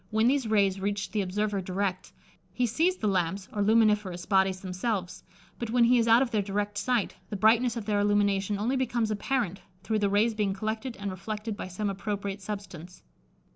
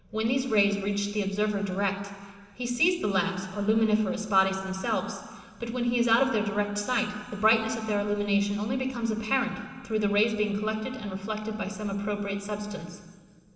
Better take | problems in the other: first | room echo; dies away in 2.1 s

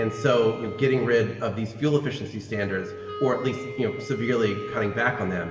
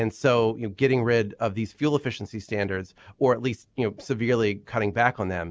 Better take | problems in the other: second | background sound (Wind instrument, woodwind instrument); 12 dB below the speech // room echo; dies away in 2.4 s

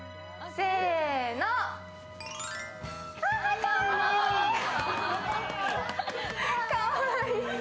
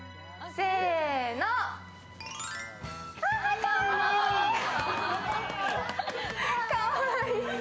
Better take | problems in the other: second | background sound (Wind instrument, woodwind instrument); 19 dB below the speech

